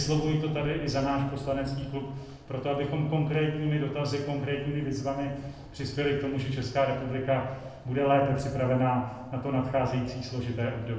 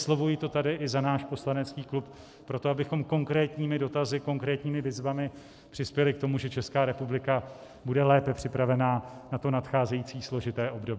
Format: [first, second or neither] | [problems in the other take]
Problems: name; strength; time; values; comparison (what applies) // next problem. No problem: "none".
second | background sound (Rain / Thunderstorm); 19 dB below the speech // room echo; dies away in 0.8 s